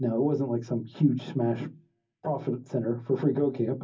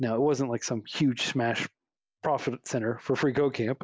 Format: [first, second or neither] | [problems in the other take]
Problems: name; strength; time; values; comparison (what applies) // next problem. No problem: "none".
second | room echo; dies away in 0.4 s